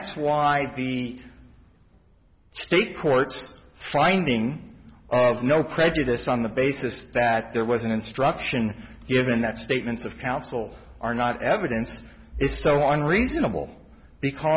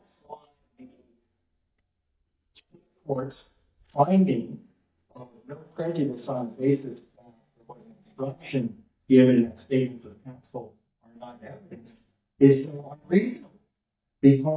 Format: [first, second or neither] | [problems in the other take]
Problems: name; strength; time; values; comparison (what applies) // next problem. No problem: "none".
first | noise reduction (neural mask model DeepFilterNet 3)